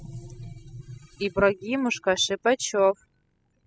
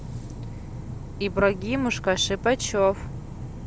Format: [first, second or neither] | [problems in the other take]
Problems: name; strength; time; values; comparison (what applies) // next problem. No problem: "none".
second | noise reduction (classical method spectral subtraction)